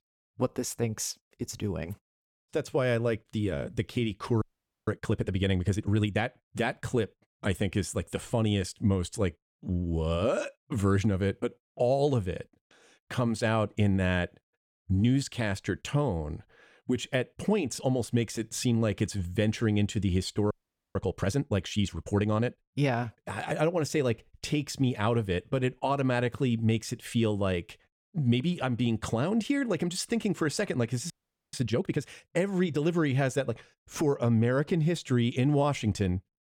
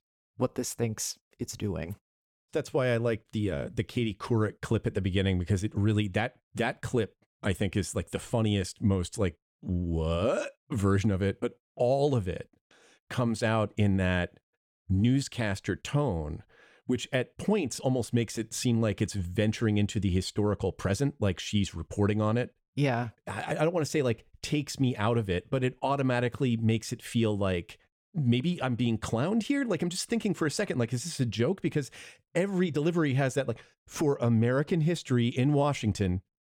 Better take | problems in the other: second | audio freezing; at 4.5 s, at 21 s and at 31 s

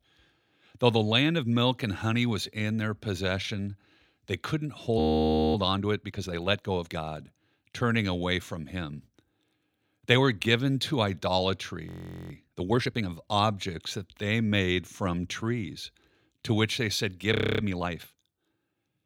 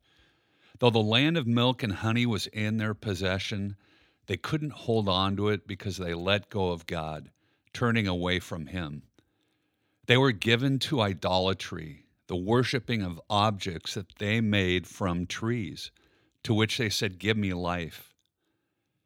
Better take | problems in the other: second | audio freezing; at 5 s for 0.5 s, at 12 s and at 17 s

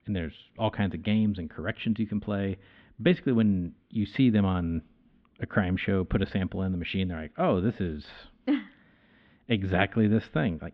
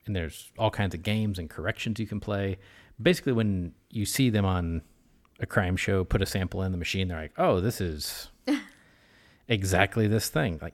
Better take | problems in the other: second | muffled; very; fading above 3.5 kHz

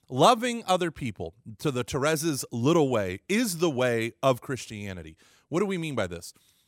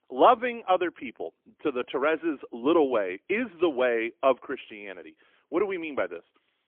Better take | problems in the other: first | phone-call audio; poor line; nothing above 3.5 kHz

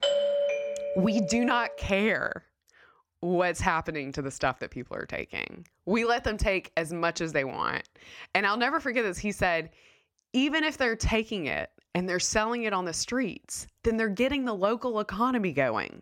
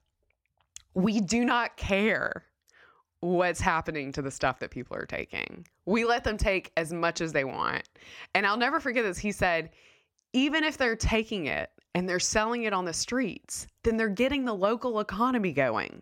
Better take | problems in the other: second | doorbell; loud; until 2 s; peak 3 dB above the speech

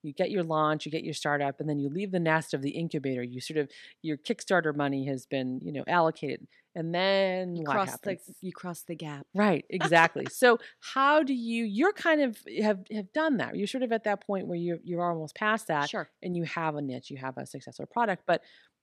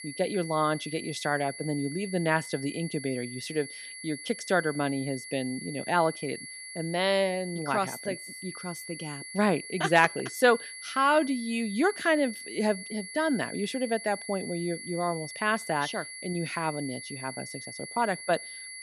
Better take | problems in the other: first | high-pitched whine; noticeable; throughout; 2 kHz, 10 dB below the speech

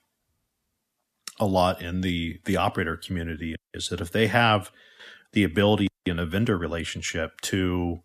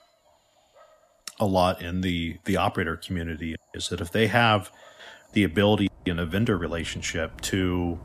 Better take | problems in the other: first | animal sounds; faint; throughout; 25 dB below the speech

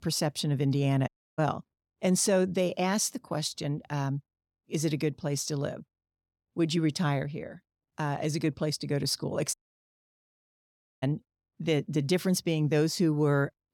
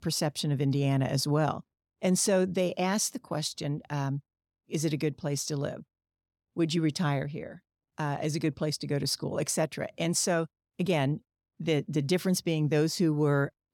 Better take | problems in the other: second | audio cutting out; at 1 s and at 9.5 s for 1.5 s

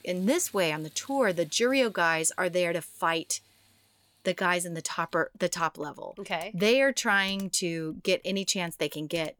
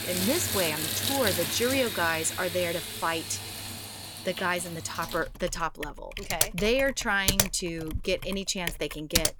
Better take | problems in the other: first | household noises; loud; throughout; 1 dB below the speech; faint in the first

